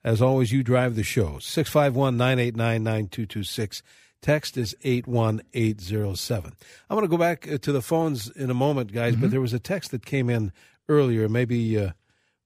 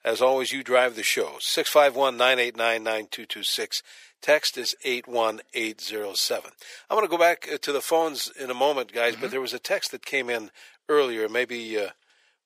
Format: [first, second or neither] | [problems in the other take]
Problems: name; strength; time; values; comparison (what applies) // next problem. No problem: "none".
first | thin; very; fading below 500 Hz